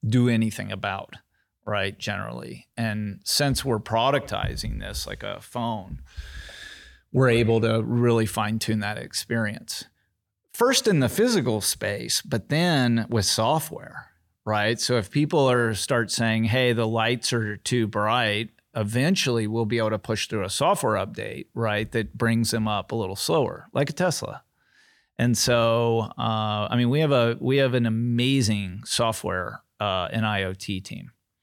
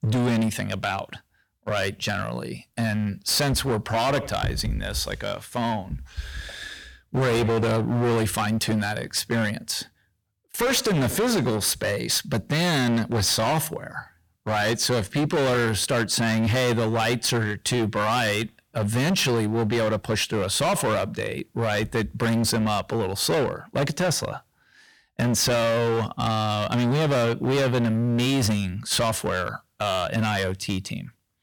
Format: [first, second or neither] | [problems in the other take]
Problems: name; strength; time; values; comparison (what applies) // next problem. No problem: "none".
first | distortion; heavy; 20% of the sound clipped